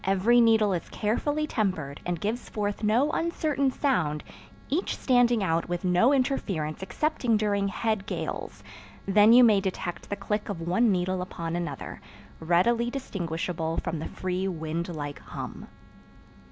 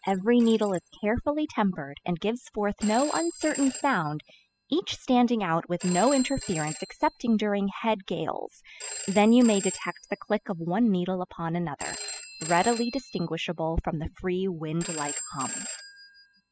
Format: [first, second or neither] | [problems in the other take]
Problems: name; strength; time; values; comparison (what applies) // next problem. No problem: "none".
first | noise reduction (classical method spectral subtraction)